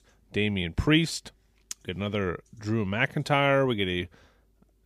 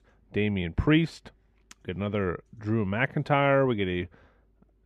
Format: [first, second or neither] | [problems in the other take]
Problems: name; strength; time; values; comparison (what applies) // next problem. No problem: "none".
first | muffled; slightly; fading above 3.5 kHz